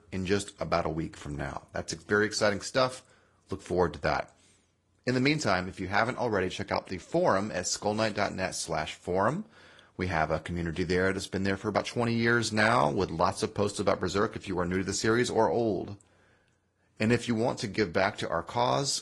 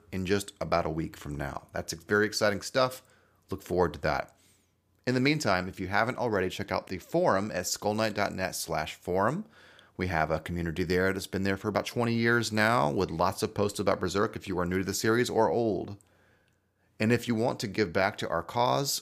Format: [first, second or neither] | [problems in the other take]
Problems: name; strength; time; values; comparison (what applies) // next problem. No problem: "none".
second | garbled, watery; slightly; nothing above 11 kHz